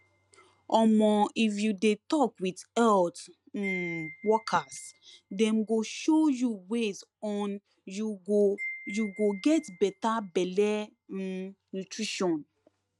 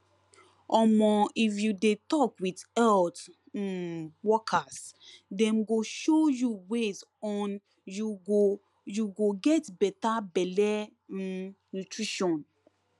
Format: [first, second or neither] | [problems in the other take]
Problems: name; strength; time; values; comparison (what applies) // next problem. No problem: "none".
second | noise reduction (neural mask model RNNoise)